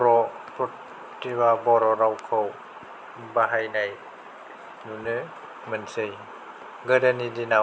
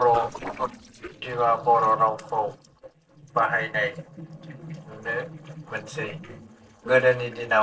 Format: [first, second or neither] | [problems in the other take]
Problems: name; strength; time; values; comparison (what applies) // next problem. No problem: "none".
first | noise reduction (neural separator model SepFormer DNS4)